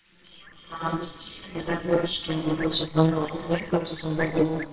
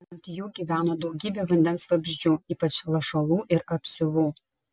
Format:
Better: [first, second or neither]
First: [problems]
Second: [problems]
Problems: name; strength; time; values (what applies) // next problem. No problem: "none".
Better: second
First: noise reduction (neural separator model SepFormer WHAMR!)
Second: none